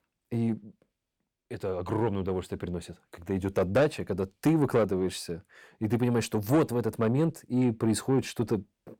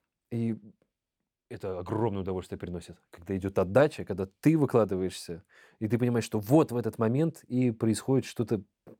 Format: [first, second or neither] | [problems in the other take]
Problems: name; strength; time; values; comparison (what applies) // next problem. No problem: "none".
second | distortion; slight; 10 dB below the speech